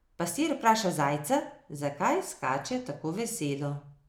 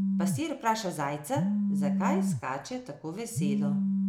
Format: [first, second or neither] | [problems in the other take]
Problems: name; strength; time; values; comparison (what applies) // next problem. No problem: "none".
first | background sound (Telephone); 4 dB above the speech